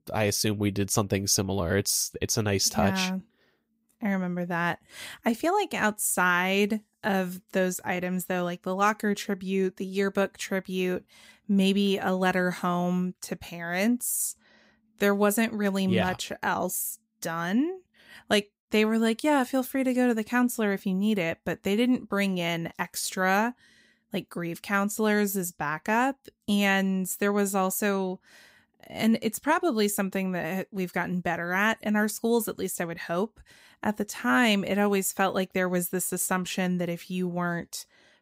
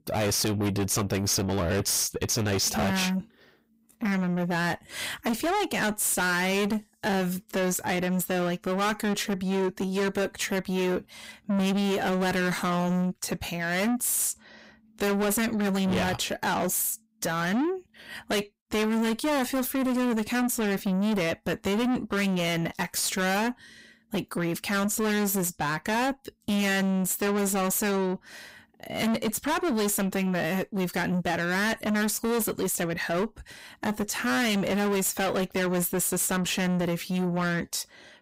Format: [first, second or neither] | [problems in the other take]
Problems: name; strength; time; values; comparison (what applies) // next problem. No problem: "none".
first | distortion; heavy; 6 dB below the speech